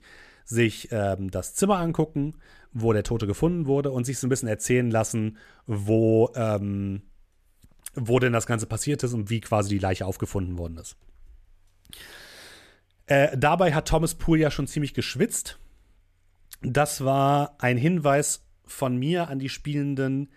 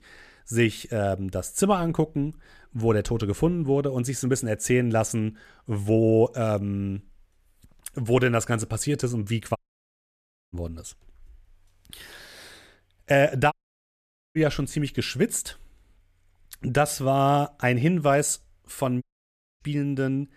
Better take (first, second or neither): first